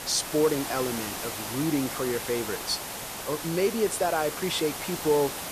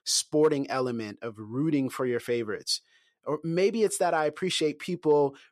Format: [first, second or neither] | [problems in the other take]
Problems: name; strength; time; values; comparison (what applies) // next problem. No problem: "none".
second | hiss; loud; throughout; 5 dB below the speech